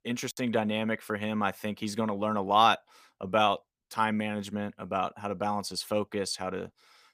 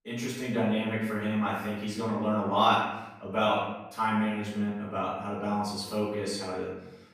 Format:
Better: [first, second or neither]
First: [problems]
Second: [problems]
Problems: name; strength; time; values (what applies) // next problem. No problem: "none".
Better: first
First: none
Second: off-mic speech; far // room echo; noticeable; dies away in 0.9 s